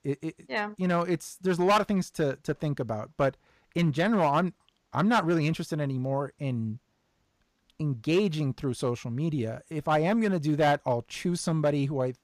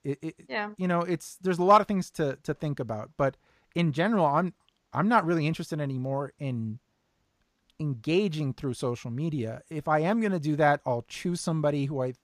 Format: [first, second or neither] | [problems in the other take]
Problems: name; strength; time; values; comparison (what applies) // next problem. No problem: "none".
second | distortion; slight; 3% of the sound clipped